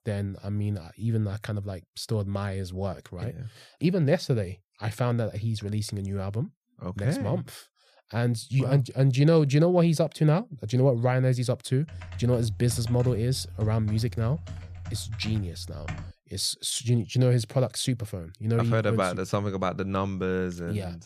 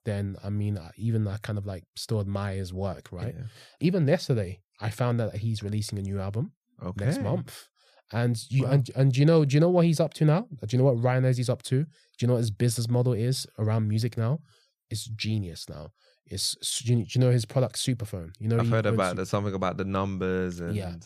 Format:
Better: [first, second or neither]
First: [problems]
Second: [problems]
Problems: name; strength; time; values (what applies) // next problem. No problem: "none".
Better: second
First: keyboard typing; faint; from 12 to 16 s; peak 10 dB below the speech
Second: none